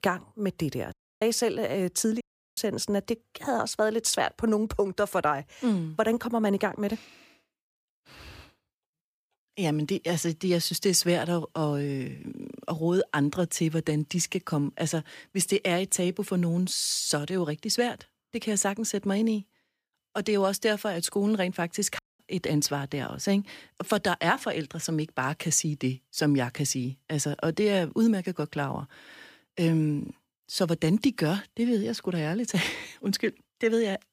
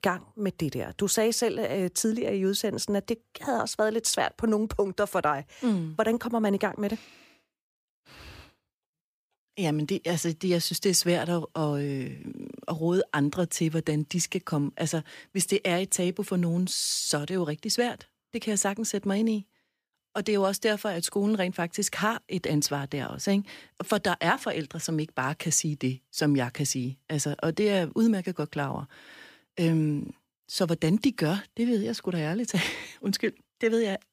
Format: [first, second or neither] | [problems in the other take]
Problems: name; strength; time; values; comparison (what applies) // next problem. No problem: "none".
second | audio cutting out; at 1 s, at 2 s and at 22 s